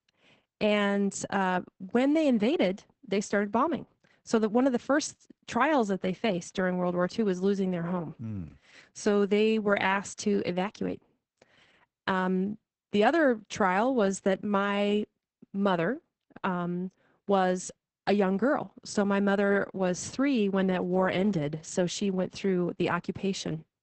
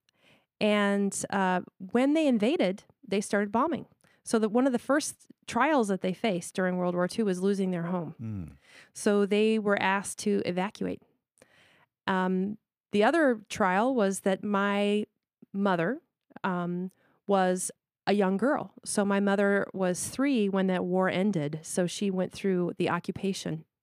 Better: second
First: garbled, watery; badly; nothing above 8 kHz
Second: none

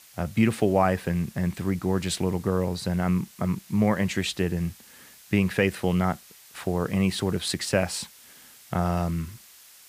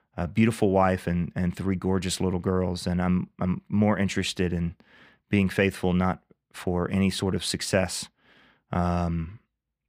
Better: second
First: hiss; faint; throughout; 20 dB below the speech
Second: none

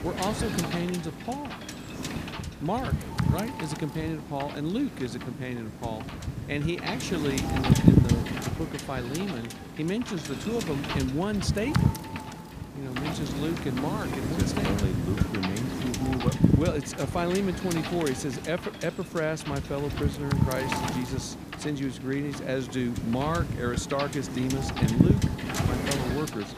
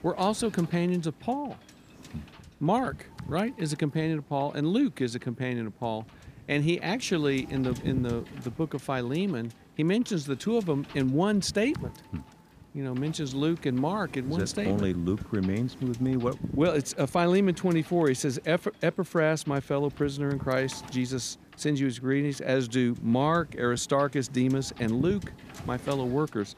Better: second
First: wind noise on the microphone; heavy; 1 dB below the speech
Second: wind noise on the microphone; occasional gusts; 20 dB below the speech

